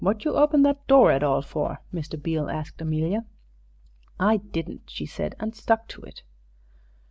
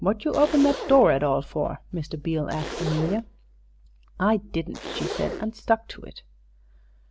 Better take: first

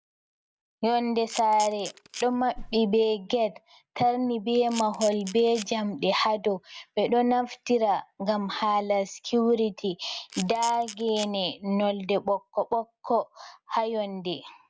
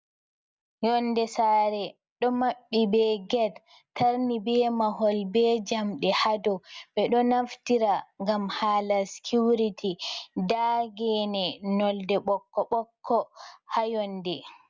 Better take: second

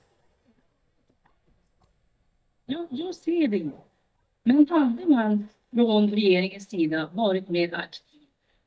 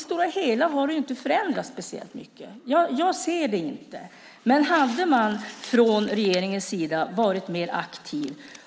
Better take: second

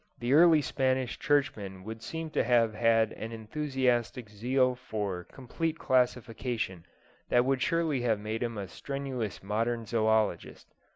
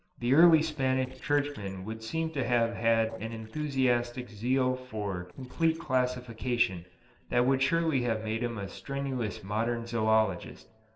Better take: first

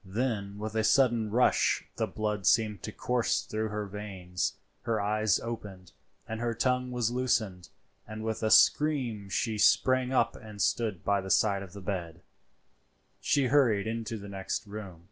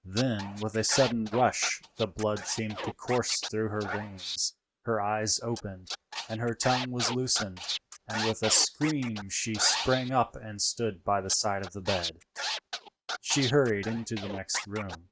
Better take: first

